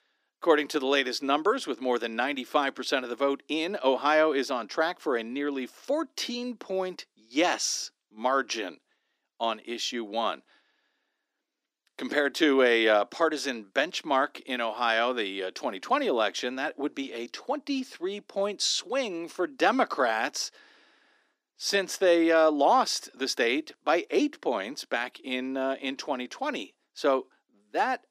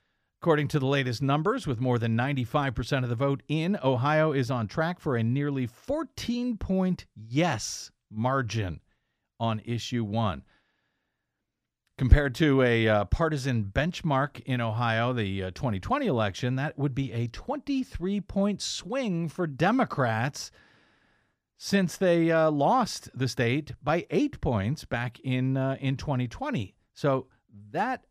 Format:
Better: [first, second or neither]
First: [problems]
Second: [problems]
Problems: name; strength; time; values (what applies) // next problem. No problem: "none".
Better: second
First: thin; somewhat; fading below 300 Hz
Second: none